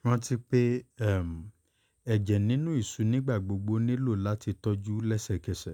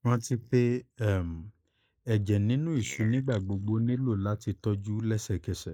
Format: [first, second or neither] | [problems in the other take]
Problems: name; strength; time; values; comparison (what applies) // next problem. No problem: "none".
first | noise reduction (neural mask model Resemble Enhance denoiser)